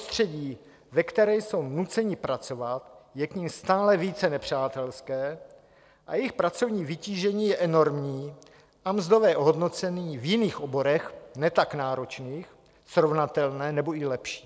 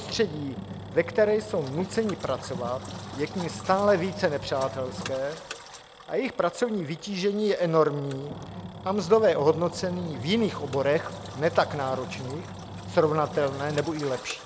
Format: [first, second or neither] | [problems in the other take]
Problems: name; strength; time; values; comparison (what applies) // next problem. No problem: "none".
first | background sound (Engine); 12 dB below the speech